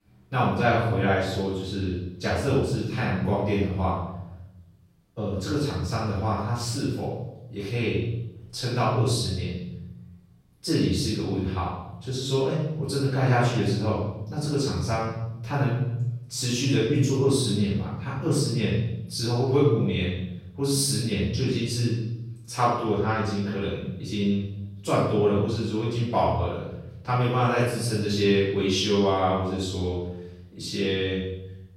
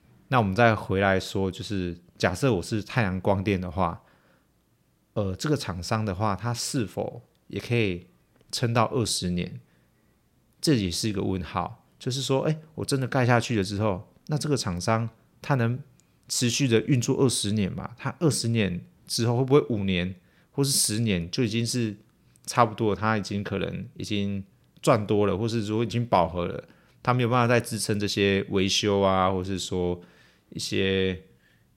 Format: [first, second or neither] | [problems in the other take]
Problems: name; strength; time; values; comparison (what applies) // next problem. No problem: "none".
second | off-mic speech; far // room echo; strong; dies away in 0.9 s